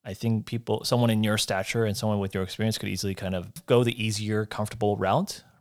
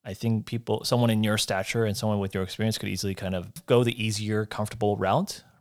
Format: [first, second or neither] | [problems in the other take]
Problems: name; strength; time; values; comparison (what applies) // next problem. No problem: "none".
neither | none